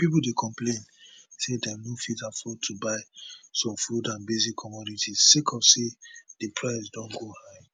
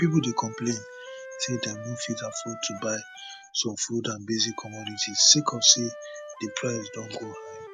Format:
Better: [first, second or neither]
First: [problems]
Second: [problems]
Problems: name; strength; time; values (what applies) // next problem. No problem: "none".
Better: first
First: none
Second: background sound (Wind instrument, woodwind instrument); 14 dB below the speech